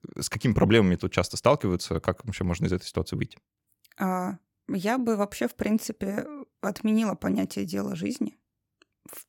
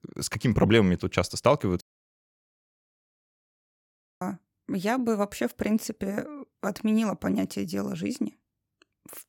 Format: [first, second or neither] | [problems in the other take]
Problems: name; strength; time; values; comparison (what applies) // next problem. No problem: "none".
first | audio cutting out; at 2 s for 2.5 s